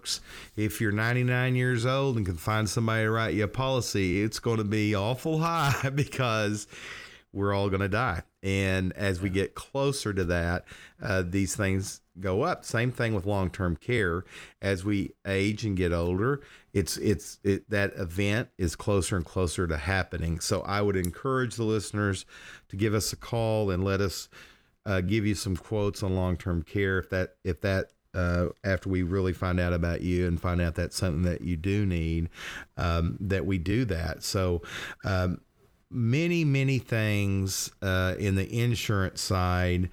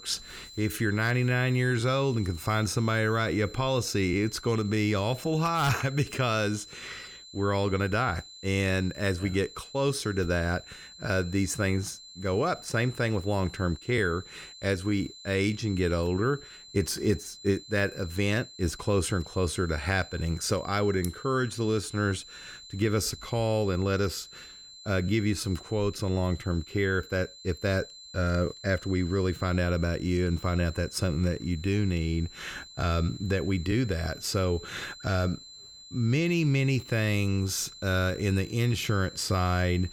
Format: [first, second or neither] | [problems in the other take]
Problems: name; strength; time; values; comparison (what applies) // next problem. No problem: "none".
first | high-pitched whine; noticeable; throughout; 4 kHz, 15 dB below the speech